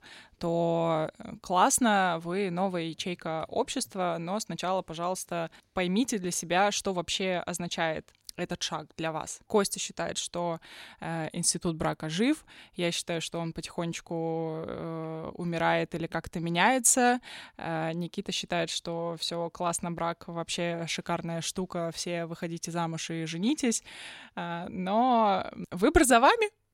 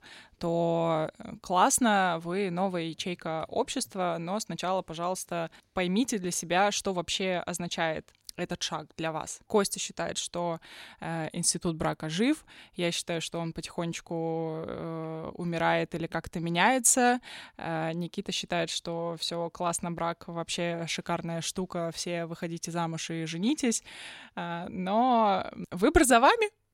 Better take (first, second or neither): neither